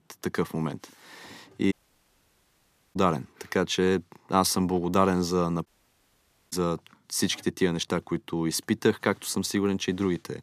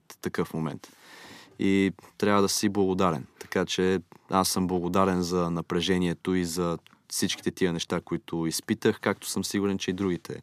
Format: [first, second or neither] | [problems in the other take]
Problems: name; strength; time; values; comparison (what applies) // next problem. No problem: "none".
second | audio cutting out; at 1.5 s for 1 s and at 5.5 s for 1 s